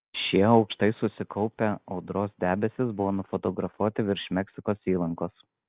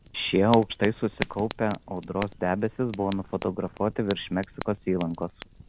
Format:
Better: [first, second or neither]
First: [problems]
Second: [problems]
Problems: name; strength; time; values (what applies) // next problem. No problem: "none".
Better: first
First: none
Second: background sound (Fire); 14 dB below the speech